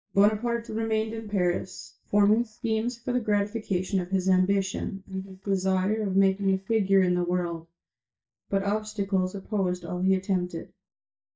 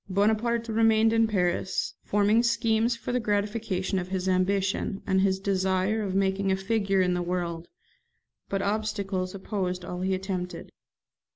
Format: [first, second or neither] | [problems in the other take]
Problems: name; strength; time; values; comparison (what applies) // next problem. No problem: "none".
second | noise reduction (neural mask model DeepFilterNet 3)